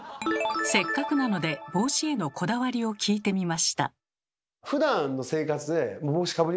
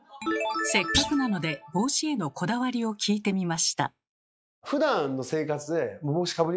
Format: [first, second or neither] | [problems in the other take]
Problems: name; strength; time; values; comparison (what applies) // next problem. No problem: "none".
first | noise reduction (classical method log-MMSE)